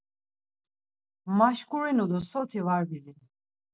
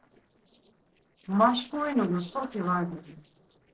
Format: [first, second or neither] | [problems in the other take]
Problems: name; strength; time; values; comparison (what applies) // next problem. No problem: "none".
first | noise reduction (neural separator model SepFormer DNS4)